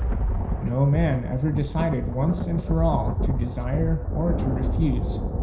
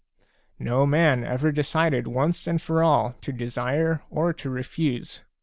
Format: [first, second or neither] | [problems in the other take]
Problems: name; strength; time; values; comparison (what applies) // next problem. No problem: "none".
second | background sound (Thunder); as loud as the speech // room echo; dies away in 0.5 s